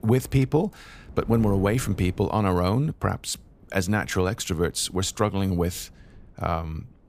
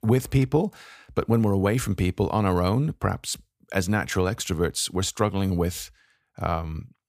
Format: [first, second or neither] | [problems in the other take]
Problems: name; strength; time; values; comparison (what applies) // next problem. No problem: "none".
second | wind noise on the microphone; occasional gusts; 25 dB below the speech